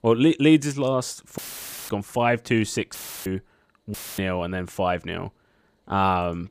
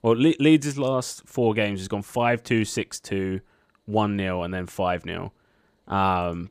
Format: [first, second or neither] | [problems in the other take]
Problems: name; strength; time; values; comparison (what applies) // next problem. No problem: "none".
second | audio cutting out; filled with static; at 1.5 s for 0.5 s, at 3 s and at 4 s